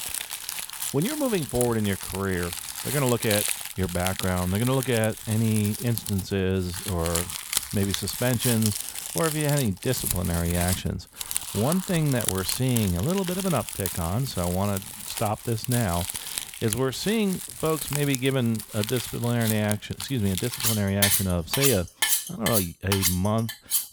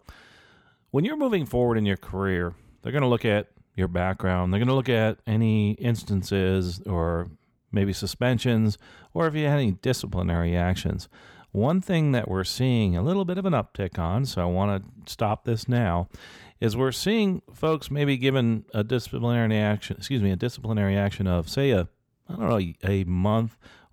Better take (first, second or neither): second